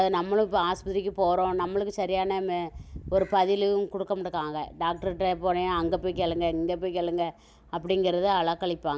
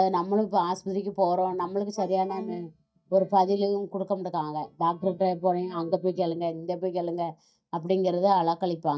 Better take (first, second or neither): first